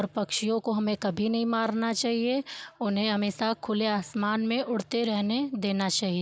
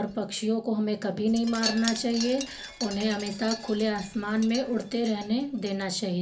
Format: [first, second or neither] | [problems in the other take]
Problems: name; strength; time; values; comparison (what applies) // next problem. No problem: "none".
first | background sound (Wind chime); 12 dB below the speech // room echo; dies away in 0.3 s